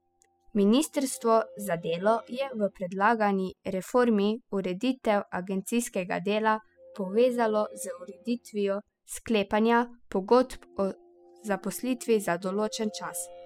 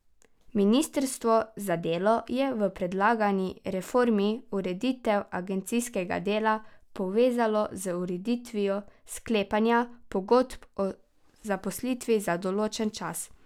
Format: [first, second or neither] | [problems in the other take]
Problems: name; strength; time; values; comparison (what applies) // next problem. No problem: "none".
second | noise reduction (classical method spectral subtraction)